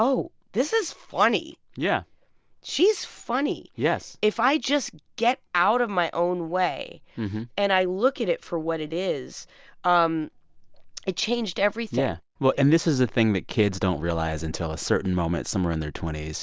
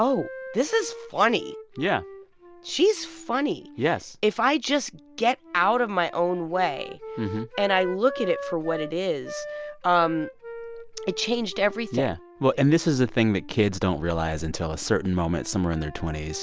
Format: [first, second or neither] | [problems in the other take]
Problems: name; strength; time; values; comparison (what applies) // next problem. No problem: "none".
first | background sound (Wind instrument, woodwind instrument); 15 dB below the speech